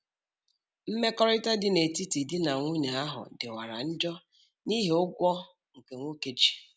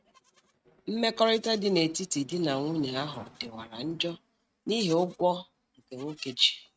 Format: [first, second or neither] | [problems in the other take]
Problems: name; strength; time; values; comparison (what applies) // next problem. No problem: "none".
first | noise reduction (neural mask model RNNoise)